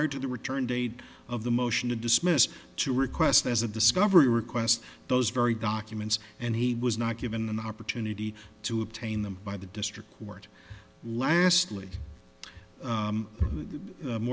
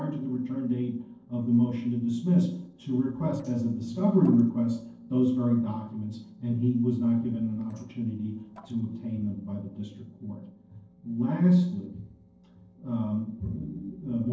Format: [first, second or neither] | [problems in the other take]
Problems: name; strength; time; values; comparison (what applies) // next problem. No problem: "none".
first | noise reduction (neural separator model SepFormer DNS4)